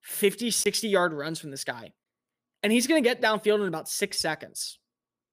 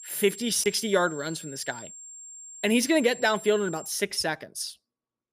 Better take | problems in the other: first | high-pitched whine; noticeable; until 4 s; 7.5 kHz, 15 dB below the speech

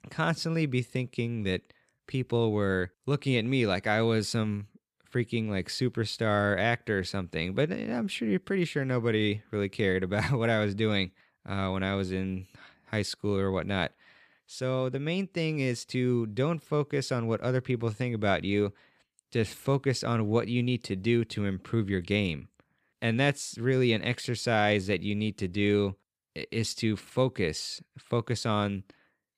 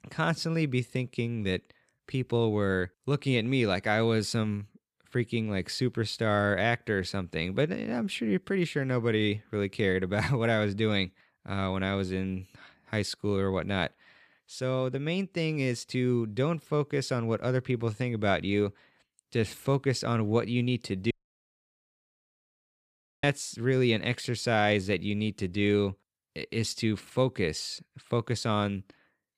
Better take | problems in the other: first | audio cutting out; at 21 s for 2 s

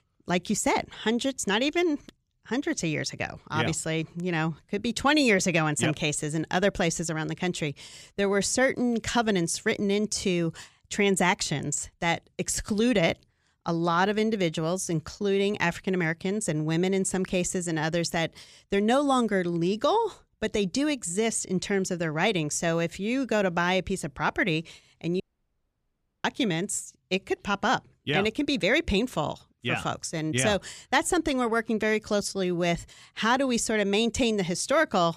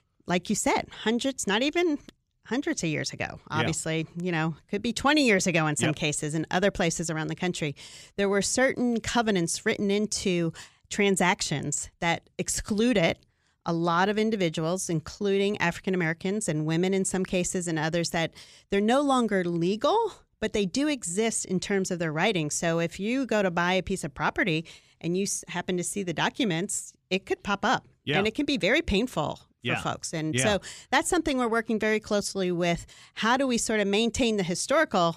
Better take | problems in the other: second | audio cutting out; at 25 s for 1 s

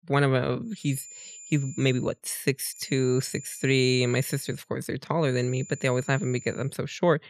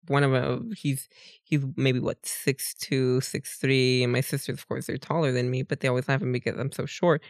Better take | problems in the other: second | high-pitched whine; noticeable; from 1 to 2 s, from 2.5 to 4.5 s and from 5.5 to 6.5 s; 7 kHz, 15 dB below the speech

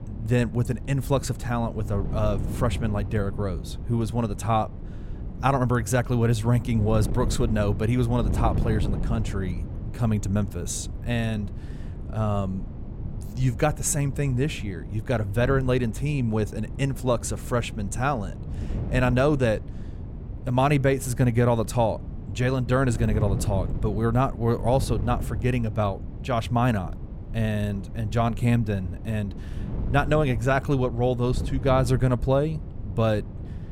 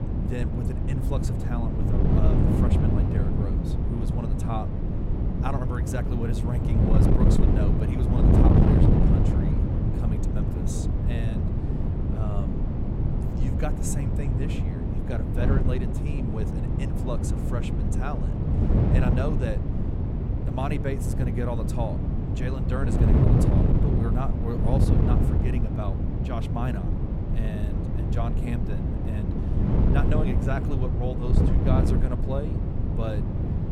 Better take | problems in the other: first | wind noise on the microphone; heavy; 2 dB above the speech; occasional gusts in the first

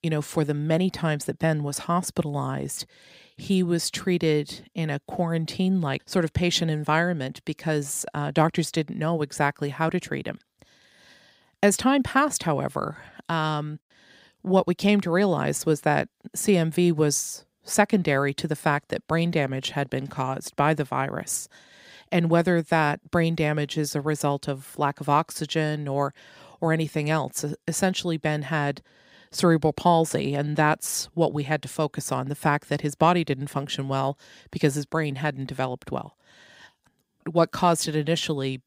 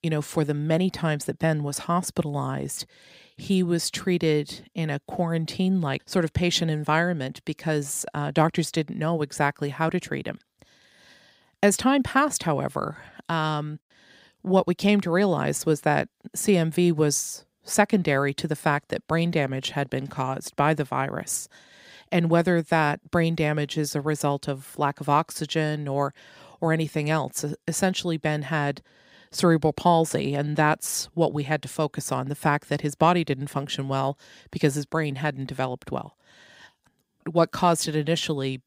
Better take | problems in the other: neither | none

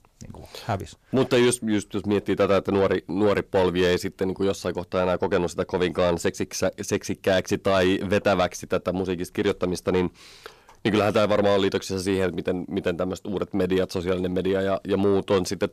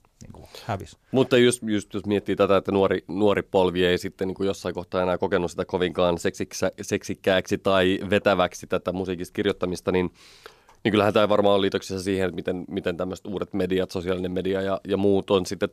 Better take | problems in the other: second | distortion; slight; 10 dB below the speech

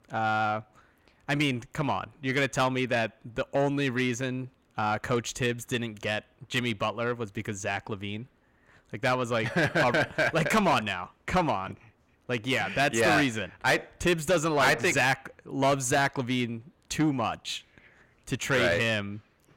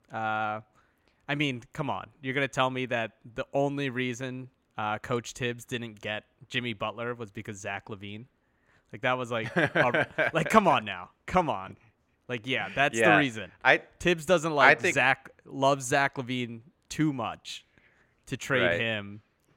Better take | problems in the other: second | distortion; heavy; 7 dB below the speech

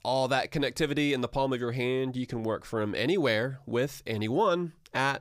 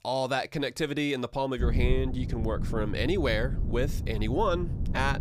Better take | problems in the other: first | wind noise on the microphone; occasional gusts; from 1.5 s on; 15 dB below the speech

